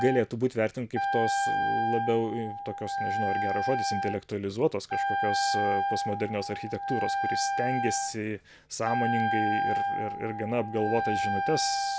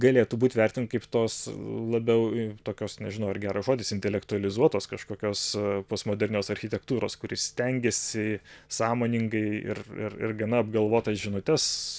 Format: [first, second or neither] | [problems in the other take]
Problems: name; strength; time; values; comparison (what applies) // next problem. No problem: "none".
second | background sound (Wind instrument, woodwind instrument); 1 dB above the speech